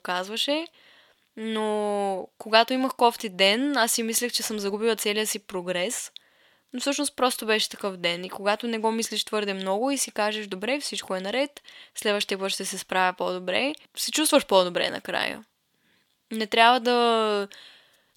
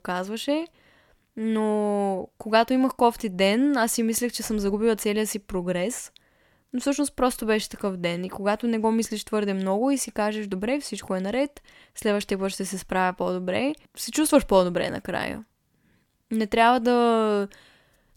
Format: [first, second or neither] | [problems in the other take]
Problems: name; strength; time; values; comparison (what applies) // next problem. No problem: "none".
second | thin; very slightly; fading below 500 Hz